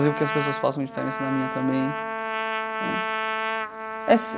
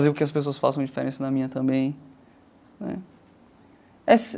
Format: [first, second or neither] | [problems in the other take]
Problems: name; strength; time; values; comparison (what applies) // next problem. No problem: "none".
second | background sound (Trumpet); 2 dB below the speech